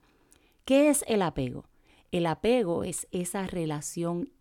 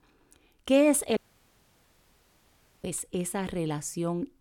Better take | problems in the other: first | audio cutting out; at 1 s for 1.5 s

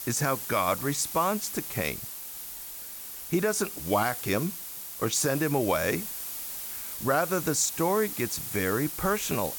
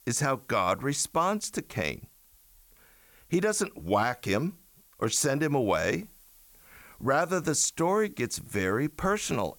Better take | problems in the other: second | hiss; loud; throughout; 6 dB below the speech; faint in the second

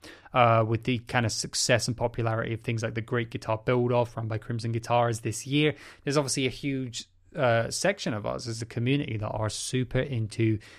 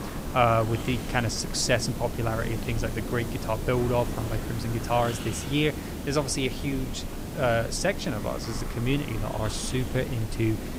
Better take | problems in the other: first | hiss; loud; throughout; 7 dB below the speech

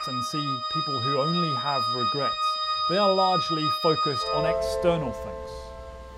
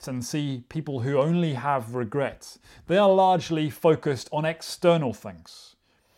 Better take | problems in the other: second | background music; very loud; throughout; 2 dB above the speech

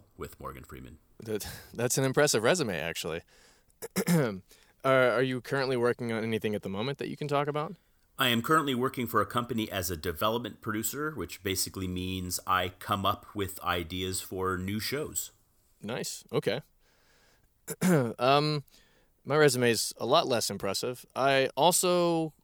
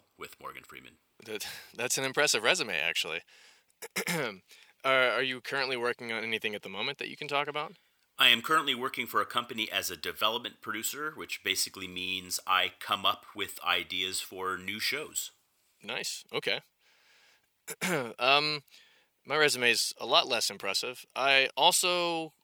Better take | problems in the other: first | thin; somewhat; fading below 500 Hz

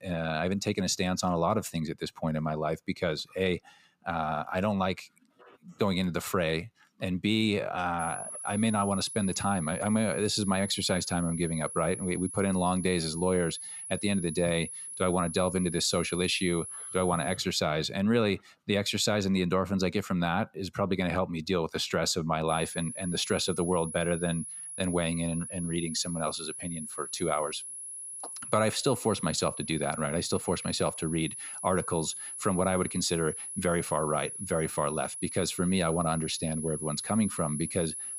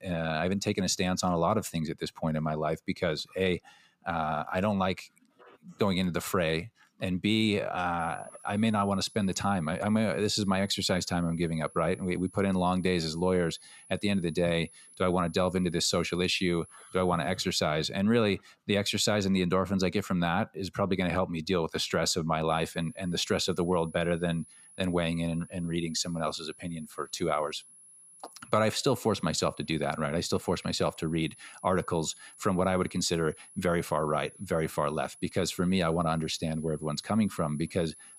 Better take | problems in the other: second | high-pitched whine; loud; from 8 to 17 s and from 22 s on; 10.5 kHz, 8 dB below the speech; faint in the second

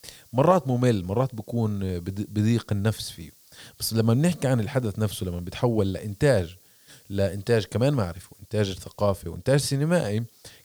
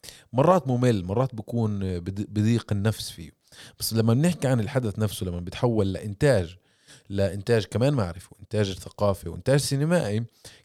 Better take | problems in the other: second | hiss; faint; throughout; 25 dB below the speech

